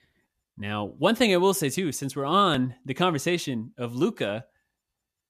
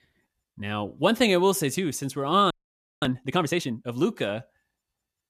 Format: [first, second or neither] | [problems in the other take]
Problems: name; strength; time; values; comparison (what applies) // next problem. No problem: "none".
first | audio freezing; at 2.5 s for 0.5 s